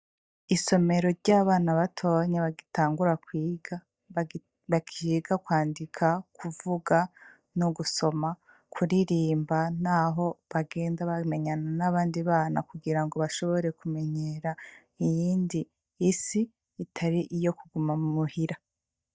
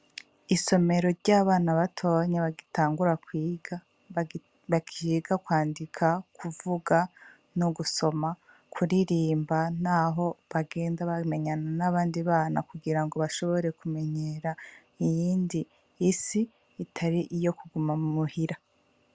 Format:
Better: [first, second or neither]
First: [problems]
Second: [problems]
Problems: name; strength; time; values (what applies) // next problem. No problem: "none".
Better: second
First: noise reduction (neural mask model DeepFilterNet 3)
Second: none